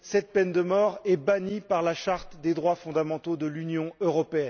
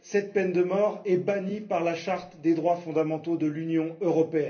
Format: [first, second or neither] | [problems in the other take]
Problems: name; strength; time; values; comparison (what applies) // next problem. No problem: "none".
first | room echo; dies away in 0.3 s